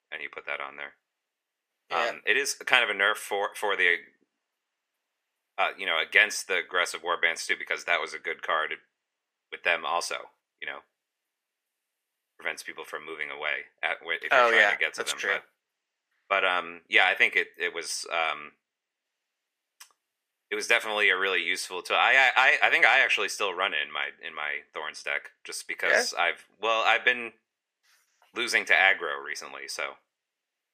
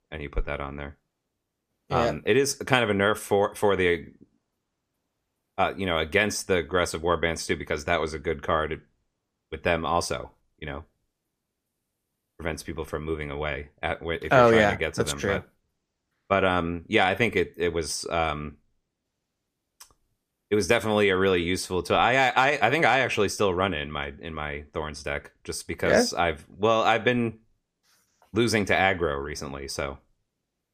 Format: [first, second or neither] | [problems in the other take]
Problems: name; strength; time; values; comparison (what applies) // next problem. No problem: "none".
second | thin; very; fading below 600 Hz